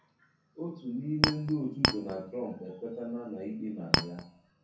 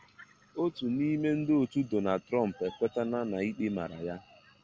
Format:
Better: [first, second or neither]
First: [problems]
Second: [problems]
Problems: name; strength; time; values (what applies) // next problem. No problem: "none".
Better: second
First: background sound (Chink, clink); 5 dB above the speech // room echo; dies away in 0.6 s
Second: none